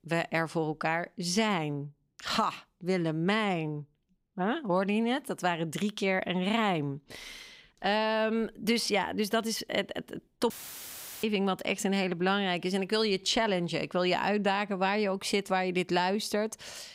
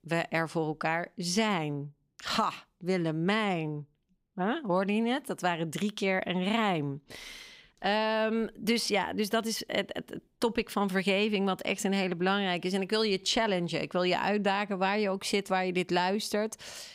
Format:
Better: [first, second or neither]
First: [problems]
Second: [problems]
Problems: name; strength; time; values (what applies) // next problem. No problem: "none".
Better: second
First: audio cutting out; filled with static; at 11 s for 0.5 s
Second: none